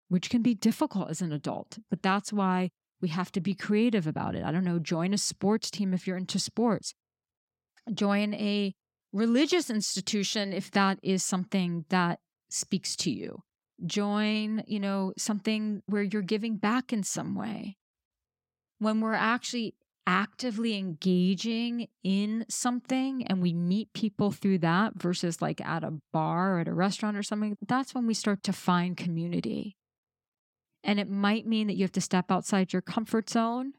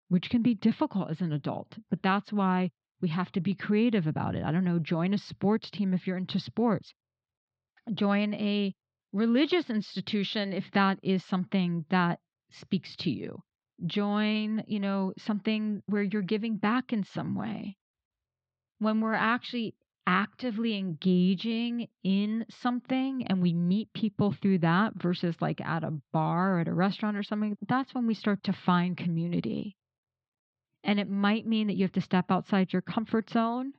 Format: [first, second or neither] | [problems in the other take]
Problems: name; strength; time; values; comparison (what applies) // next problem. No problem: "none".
first | muffled; slightly; fading above 4 kHz